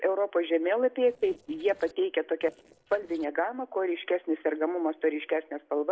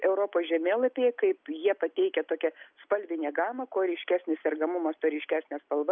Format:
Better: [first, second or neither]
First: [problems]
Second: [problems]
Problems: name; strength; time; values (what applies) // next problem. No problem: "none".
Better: second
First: noise reduction (neural separator model SepFormer DNS4)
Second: none